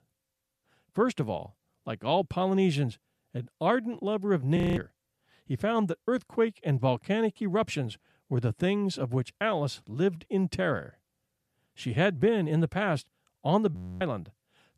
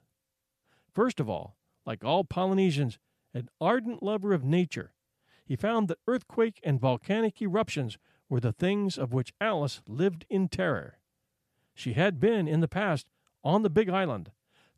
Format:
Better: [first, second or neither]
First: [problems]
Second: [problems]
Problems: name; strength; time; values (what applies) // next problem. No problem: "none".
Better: second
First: audio freezing; at 4.5 s and at 14 s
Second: none